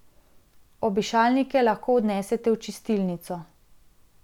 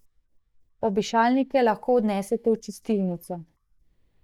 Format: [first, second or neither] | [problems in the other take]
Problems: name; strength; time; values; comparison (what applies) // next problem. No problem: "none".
first | noise reduction (neural mask model DeepFilterNet 3)